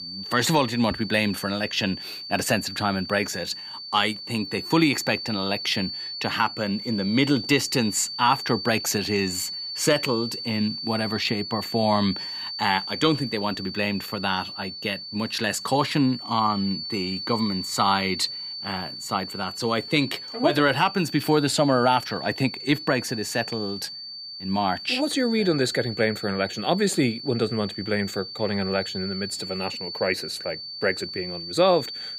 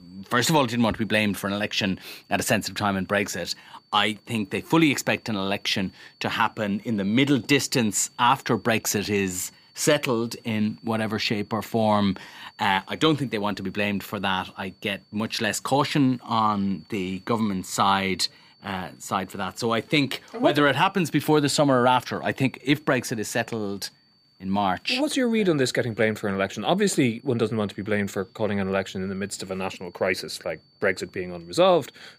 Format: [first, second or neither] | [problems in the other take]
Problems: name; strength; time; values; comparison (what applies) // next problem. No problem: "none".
second | high-pitched whine; loud; throughout; 4.5 kHz, 8 dB below the speech; faint in the second